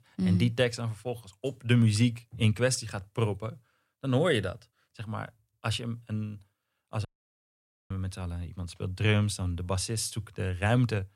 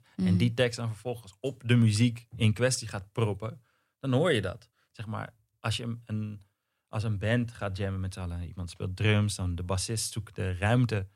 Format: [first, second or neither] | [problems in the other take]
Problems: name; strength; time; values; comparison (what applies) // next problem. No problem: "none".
second | audio cutting out; at 7 s for 1 s